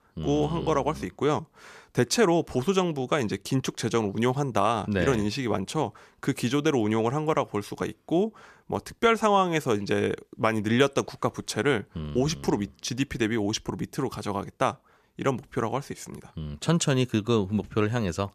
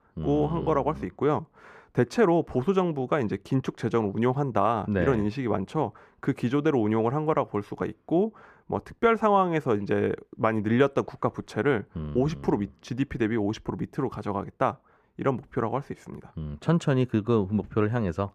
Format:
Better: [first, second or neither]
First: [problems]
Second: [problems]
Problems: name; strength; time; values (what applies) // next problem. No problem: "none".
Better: first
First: none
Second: muffled; very; fading above 3 kHz